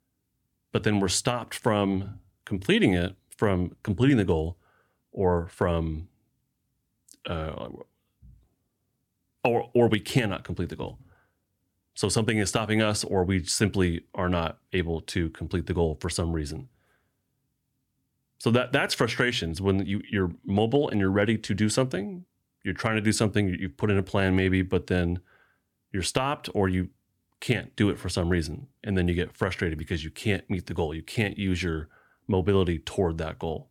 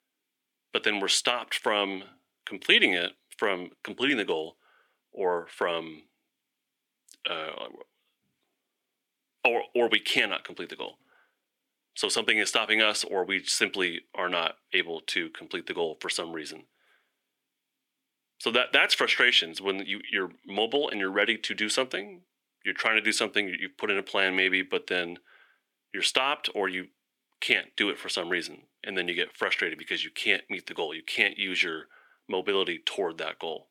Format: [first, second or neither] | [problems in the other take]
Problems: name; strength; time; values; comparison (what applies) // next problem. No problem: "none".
first | thin; somewhat; fading below 300 Hz